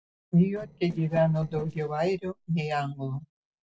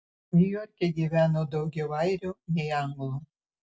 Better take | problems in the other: second | noise reduction (neural separator model SepFormer DNS4)

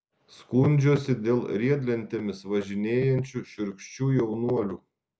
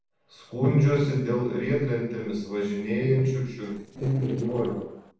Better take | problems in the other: first | noise reduction (neural separator model SepFormer DNS4)

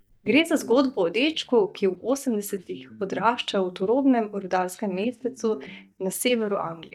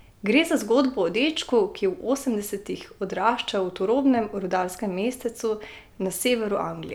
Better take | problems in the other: second | noise reduction (neural mask model DeepFilterNet 3)

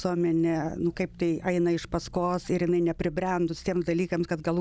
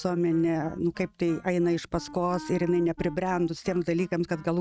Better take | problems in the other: first | noise reduction (neural mask model RNNoise)

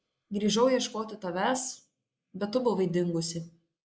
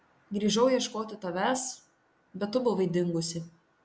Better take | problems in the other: second | noise reduction (neural mask model Resemble Enhance denoiser)

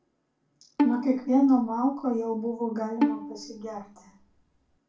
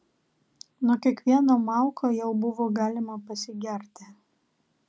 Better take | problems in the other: second | background sound (Bowed string instrument); 5 dB below the speech // room echo; dies away in 0.3 s

